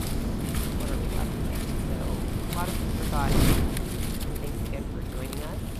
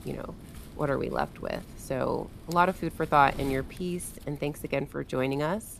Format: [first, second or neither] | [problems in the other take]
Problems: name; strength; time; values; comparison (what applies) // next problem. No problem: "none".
second | wind noise on the microphone; heavy; 4 dB above the speech; occasional gusts in the second